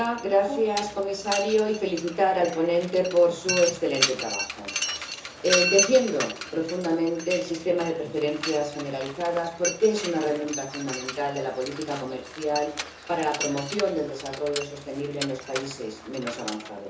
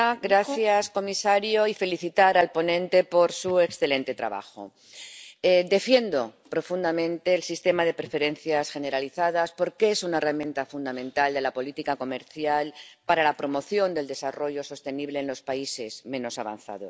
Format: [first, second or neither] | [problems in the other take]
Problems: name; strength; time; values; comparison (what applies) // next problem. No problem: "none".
second | background sound (Mechanisms); 7 dB below the speech // room echo; dies away in 0.7 s